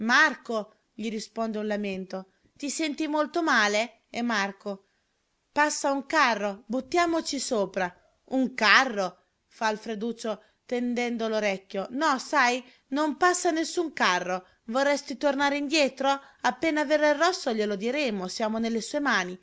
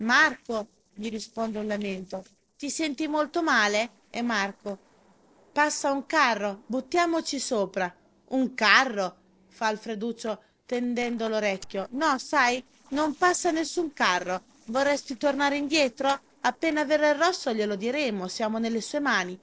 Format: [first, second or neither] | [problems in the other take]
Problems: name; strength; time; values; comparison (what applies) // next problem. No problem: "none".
first | noise reduction (neural separator model SepFormer DNS4)